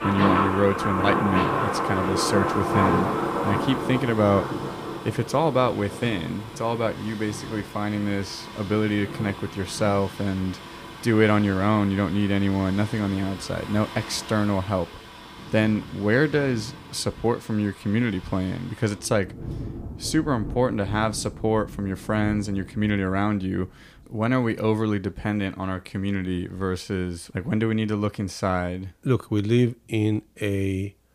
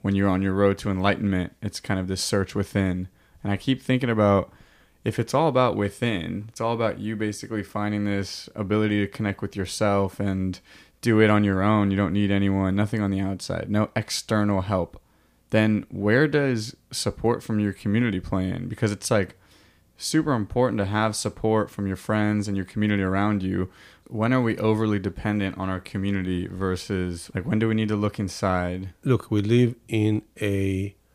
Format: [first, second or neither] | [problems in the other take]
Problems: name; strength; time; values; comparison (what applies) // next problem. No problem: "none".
second | rain or running water; loud; throughout; 5 dB below the speech